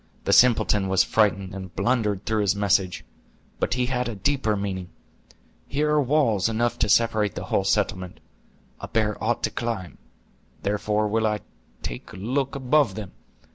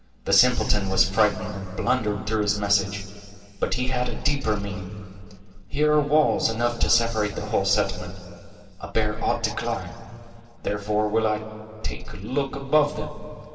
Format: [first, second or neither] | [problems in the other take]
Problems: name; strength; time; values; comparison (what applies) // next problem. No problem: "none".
first | room echo; dies away in 2.7 s